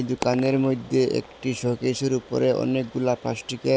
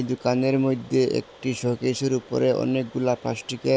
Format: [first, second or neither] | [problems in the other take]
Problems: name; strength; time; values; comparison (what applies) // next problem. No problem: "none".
second | background sound (Coin (dropping)); 19 dB below the speech